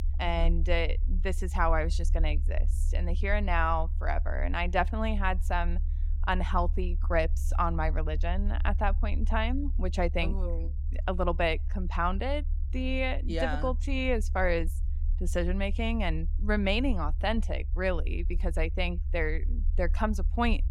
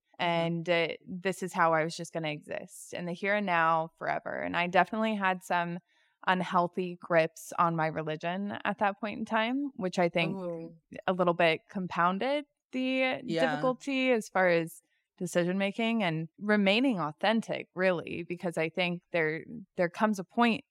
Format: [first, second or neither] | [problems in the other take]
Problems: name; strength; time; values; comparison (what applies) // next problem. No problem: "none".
second | low rumble; faint; throughout; 20 dB below the speech